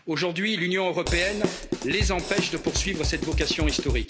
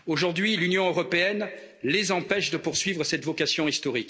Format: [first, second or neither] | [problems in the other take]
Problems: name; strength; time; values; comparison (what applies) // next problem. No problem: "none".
second | background sound (Drum kit); 1 dB below the speech